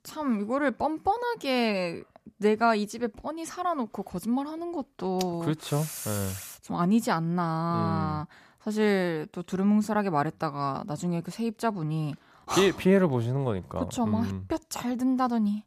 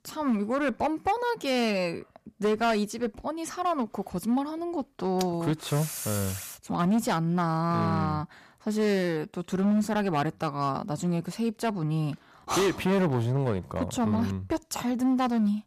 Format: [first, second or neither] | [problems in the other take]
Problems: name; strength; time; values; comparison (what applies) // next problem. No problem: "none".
first | distortion; slight; 8% of the sound clipped